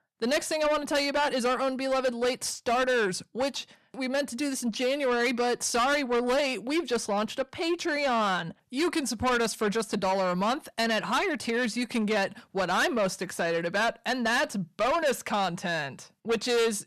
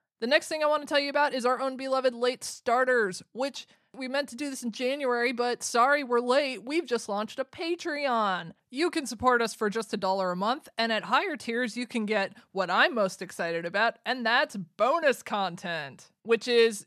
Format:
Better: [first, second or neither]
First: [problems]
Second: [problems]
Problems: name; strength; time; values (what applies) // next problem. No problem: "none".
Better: second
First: distortion; heavy; 7 dB below the speech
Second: none